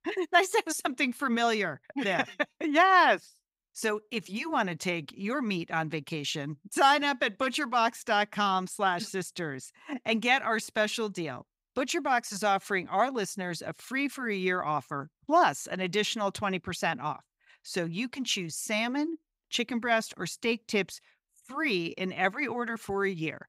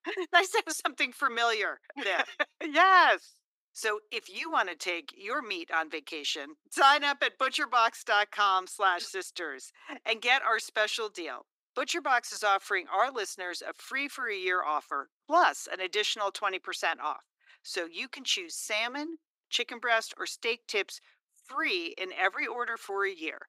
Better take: first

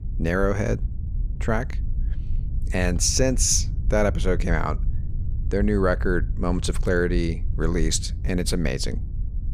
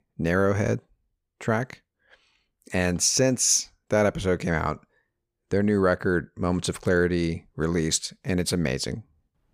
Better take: second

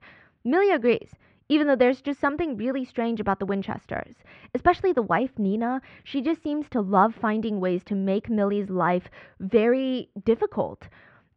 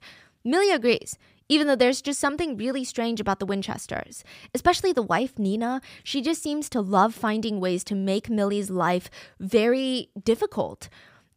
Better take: second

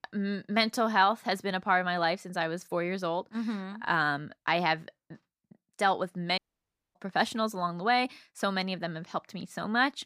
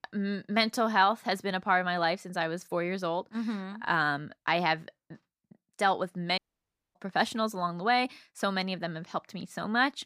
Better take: neither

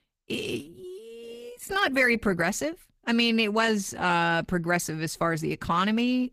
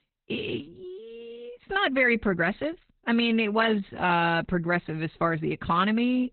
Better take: first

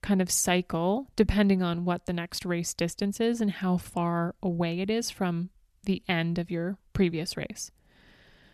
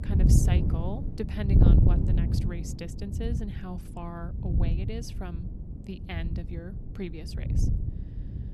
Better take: first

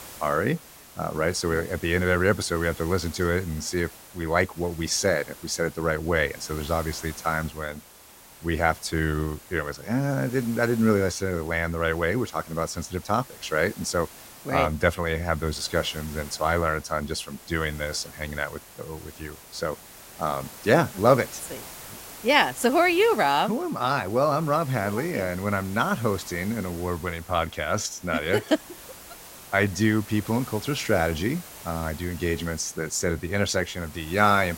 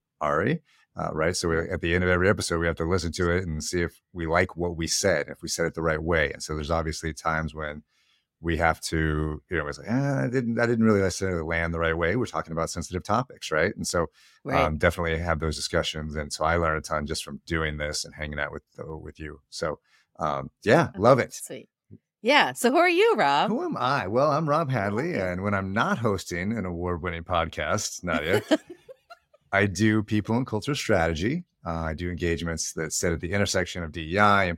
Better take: second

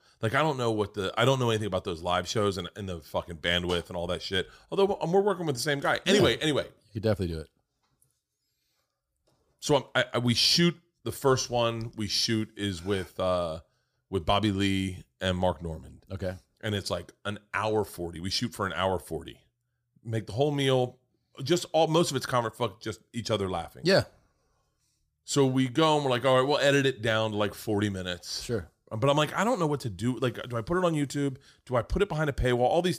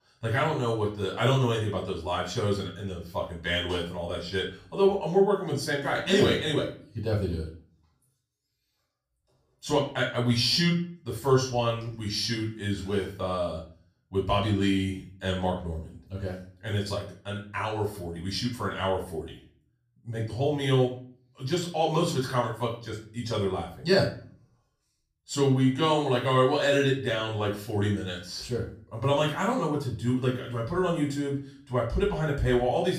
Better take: first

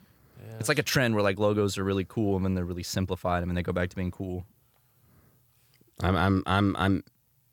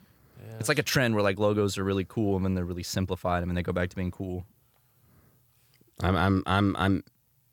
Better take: neither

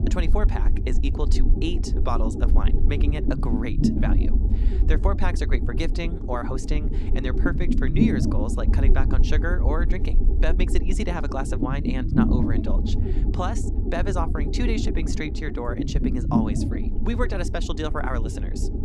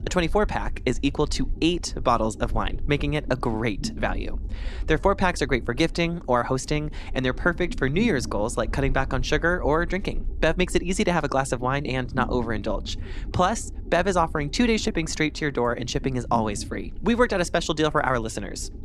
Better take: second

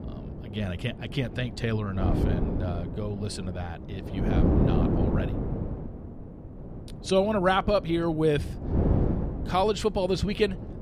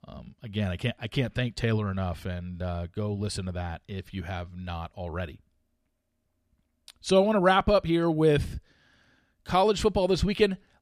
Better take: second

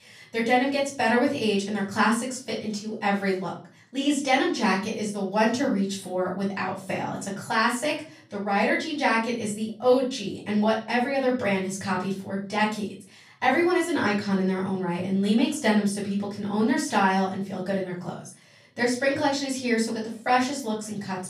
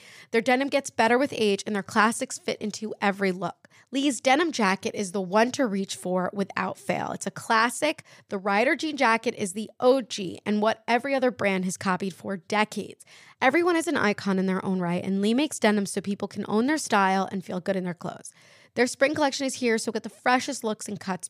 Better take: second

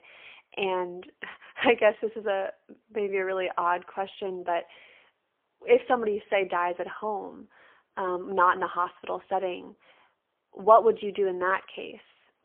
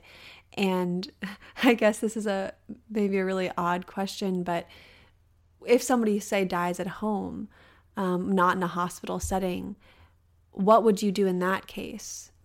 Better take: second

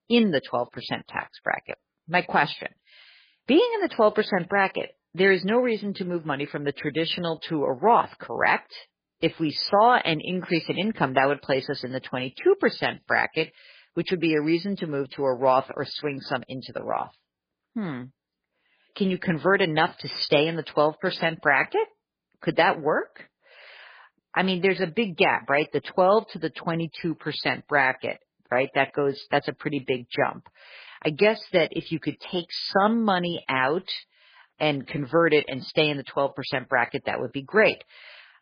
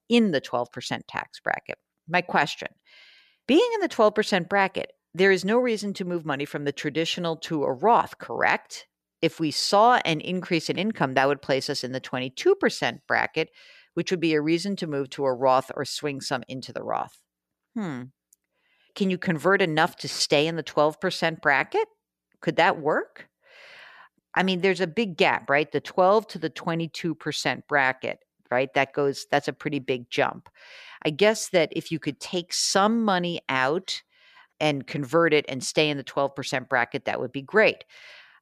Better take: second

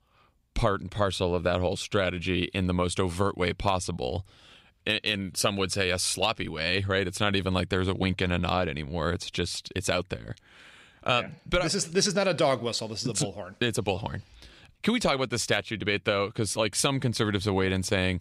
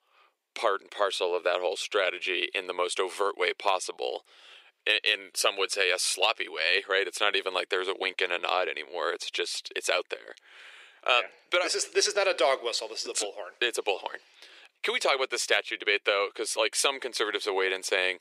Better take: first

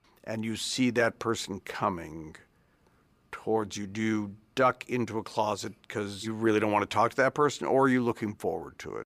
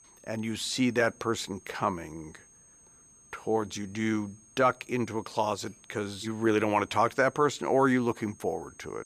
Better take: first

